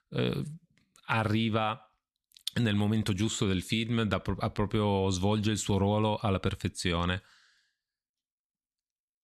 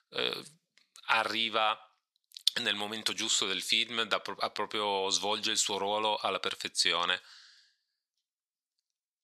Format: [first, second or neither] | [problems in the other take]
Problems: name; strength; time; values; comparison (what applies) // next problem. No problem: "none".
first | thin; very; fading below 600 Hz